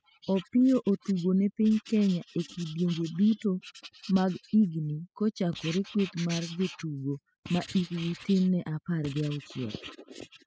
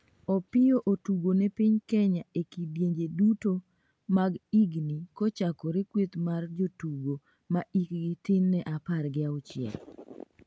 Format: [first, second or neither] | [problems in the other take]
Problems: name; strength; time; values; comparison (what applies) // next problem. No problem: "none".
second | noise reduction (classical method spectral subtraction)